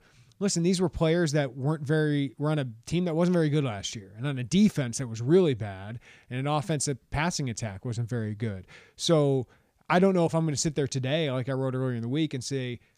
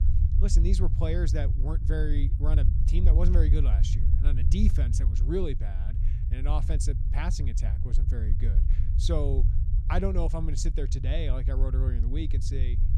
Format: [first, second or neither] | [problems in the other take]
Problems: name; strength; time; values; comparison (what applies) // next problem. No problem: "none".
first | low rumble; loud; throughout; 7 dB below the speech